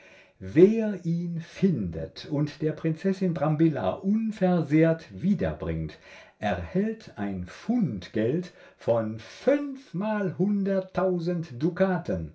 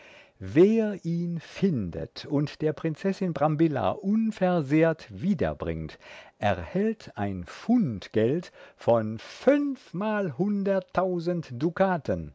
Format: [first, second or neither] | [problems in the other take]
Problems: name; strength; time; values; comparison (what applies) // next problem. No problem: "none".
second | room echo; dies away in 0.3 s